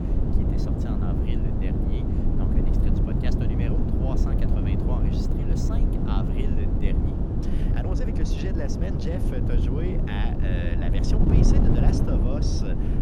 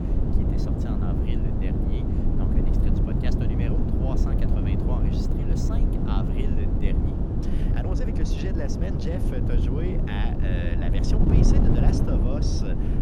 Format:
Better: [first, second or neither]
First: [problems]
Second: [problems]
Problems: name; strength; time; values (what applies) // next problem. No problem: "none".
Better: neither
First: wind noise on the microphone; heavy; 4 dB above the speech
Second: wind noise on the microphone; heavy; 4 dB above the speech